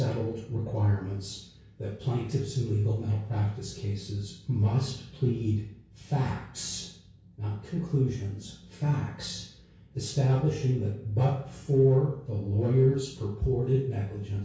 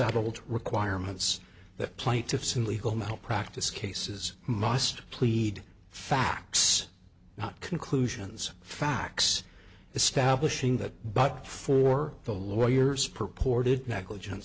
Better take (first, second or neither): second